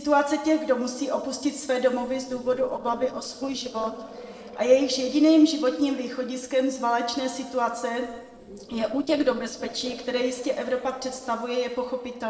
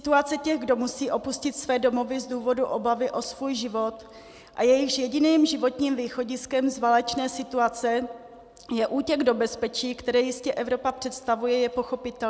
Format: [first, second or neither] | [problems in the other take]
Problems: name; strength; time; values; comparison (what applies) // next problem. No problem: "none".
second | noise reduction (neural separator model SepFormer DNS4)